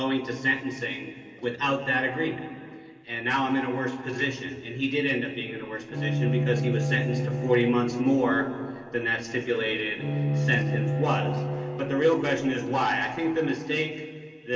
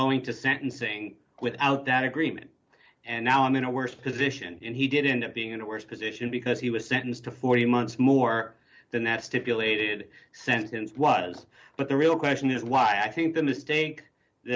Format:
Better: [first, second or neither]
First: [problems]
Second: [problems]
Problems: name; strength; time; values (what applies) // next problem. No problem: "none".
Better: second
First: background sound (Bowed string instrument); 2 dB below the speech // room echo; dies away in 2.7 s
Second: none